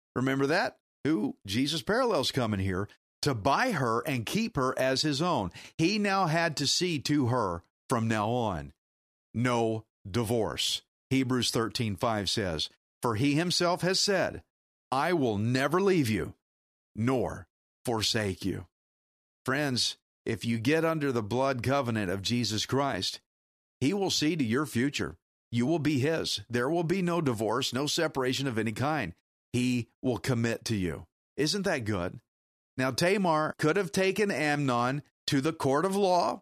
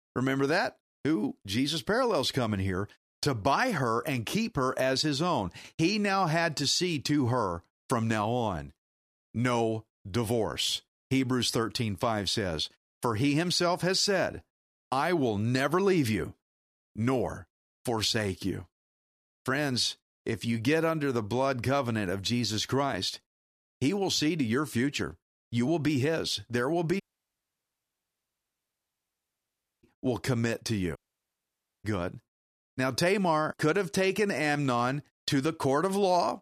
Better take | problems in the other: first | audio cutting out; at 27 s for 3 s and at 31 s for 1 s

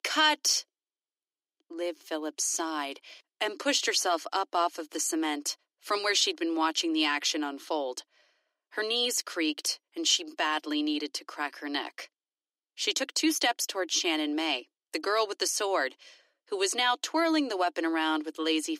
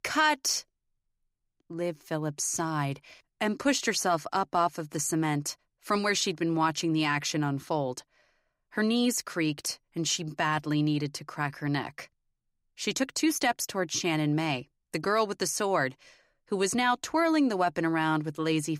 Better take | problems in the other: second | thin; somewhat; fading below 300 Hz

